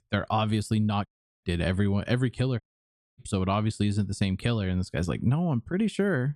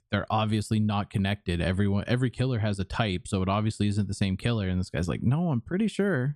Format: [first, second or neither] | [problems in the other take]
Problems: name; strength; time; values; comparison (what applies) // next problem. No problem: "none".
second | audio cutting out; at 1 s and at 2.5 s for 0.5 s